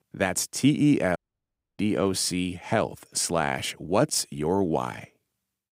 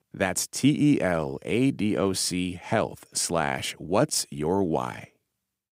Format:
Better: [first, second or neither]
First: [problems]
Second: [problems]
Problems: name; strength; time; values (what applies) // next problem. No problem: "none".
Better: second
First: audio cutting out; at 1 s for 0.5 s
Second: none